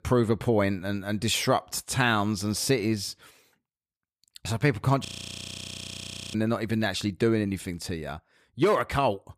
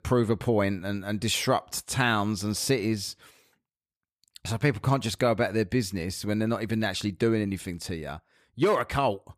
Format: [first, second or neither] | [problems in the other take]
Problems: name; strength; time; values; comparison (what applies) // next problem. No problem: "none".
second | audio freezing; at 5 s for 1.5 s